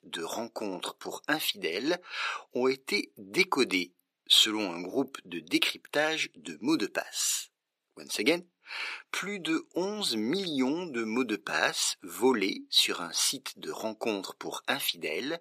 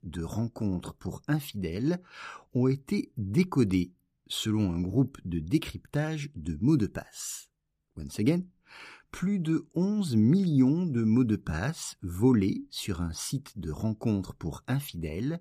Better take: second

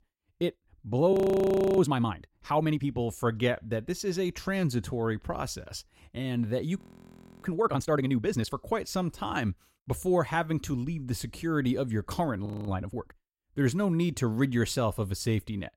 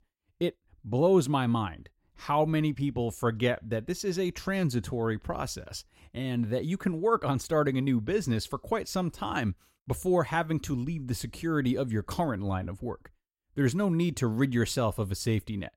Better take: second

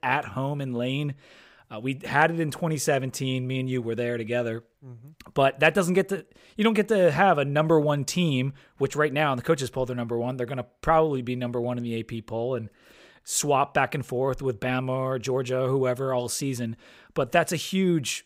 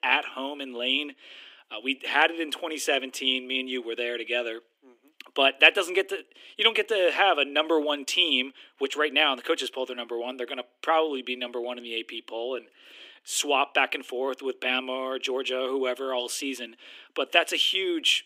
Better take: first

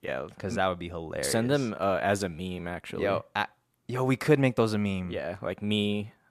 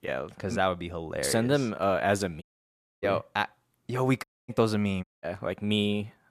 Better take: first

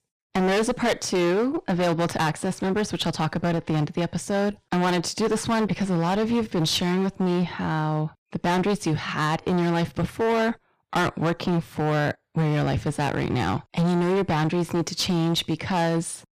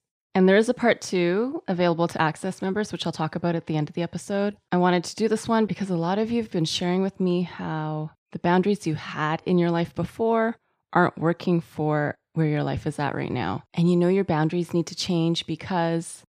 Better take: second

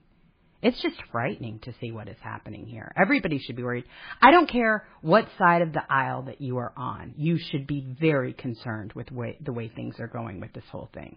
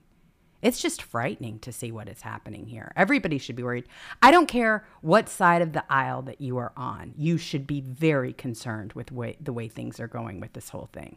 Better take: second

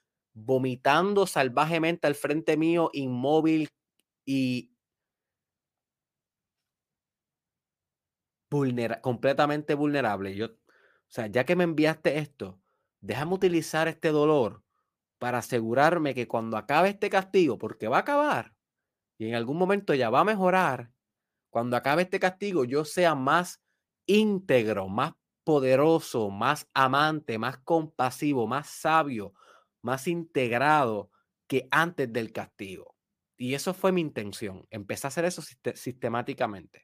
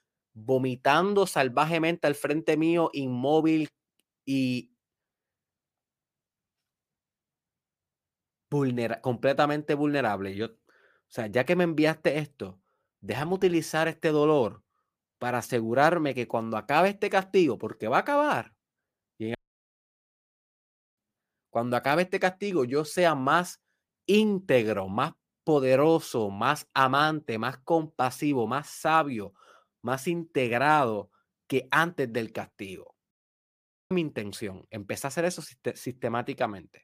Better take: first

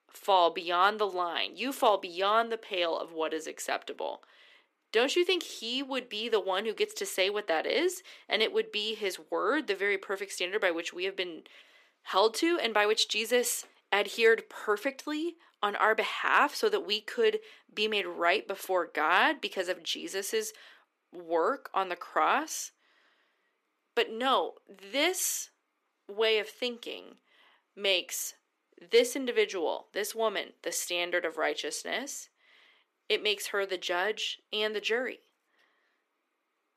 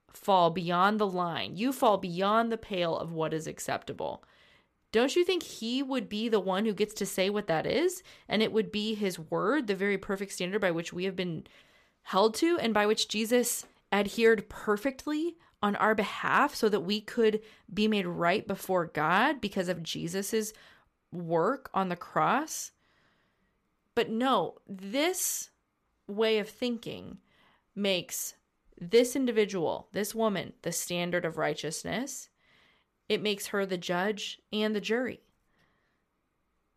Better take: second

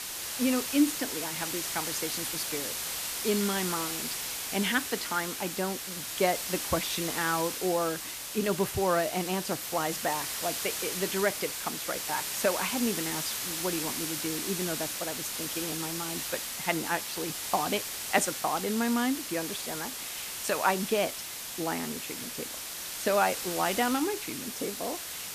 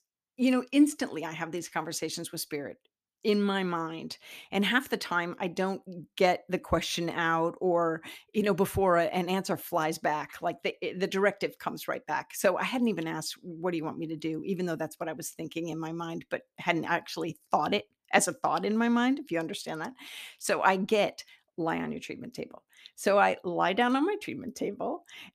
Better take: second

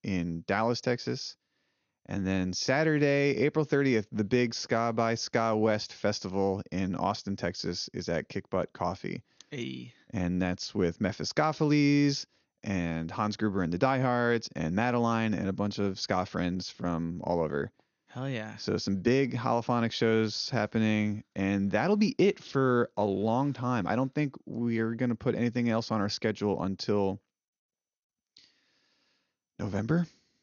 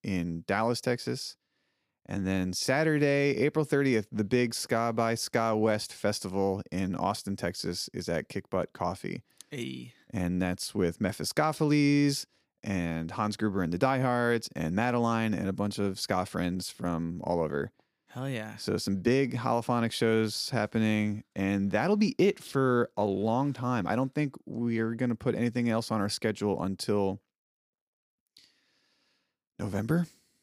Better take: second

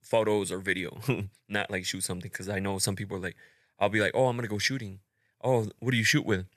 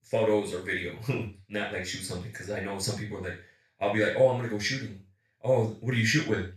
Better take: first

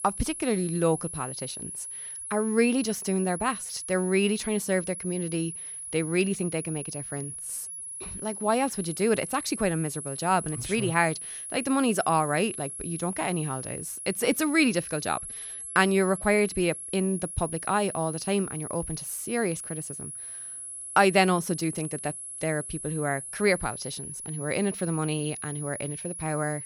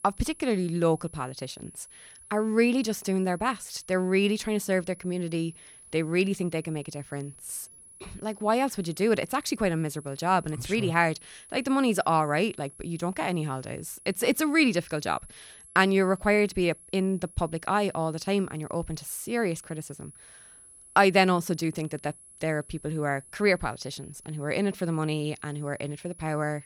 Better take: second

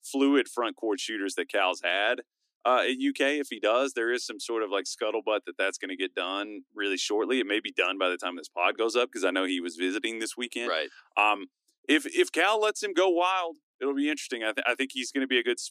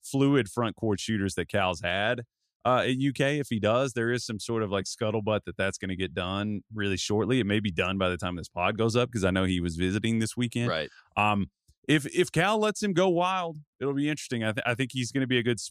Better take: second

